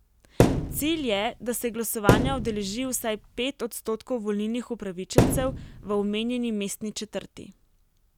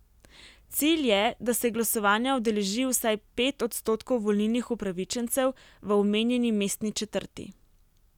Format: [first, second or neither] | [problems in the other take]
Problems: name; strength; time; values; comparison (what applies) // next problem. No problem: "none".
second | background sound (Thump, thud); 3 dB above the speech